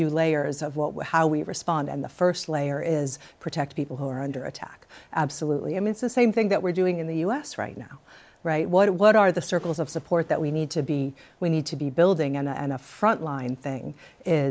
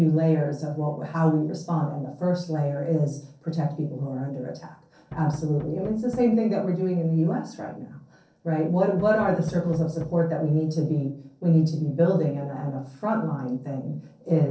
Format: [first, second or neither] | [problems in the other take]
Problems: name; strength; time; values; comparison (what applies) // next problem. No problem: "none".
first | noise reduction (neural separator model SepFormer DNS4)